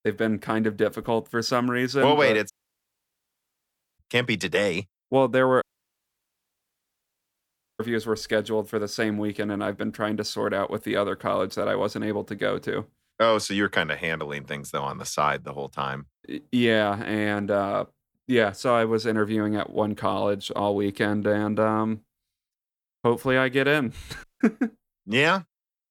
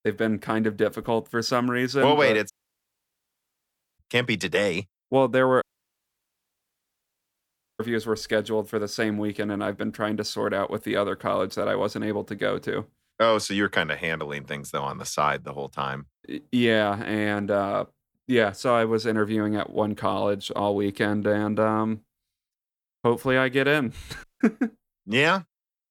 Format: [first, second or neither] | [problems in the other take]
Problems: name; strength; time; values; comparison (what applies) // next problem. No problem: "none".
neither | audio cutting out; at 2.5 s for 1.5 s, at 5.5 s for 2 s and at 24 s; the same in both